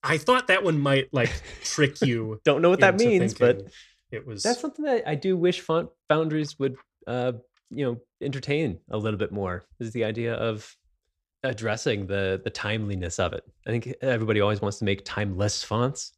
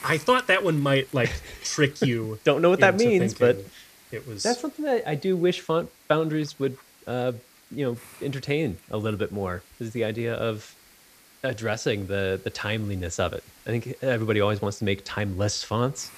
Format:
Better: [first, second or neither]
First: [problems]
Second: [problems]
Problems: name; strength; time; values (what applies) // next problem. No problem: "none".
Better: first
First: none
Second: hiss; faint; throughout; 25 dB below the speech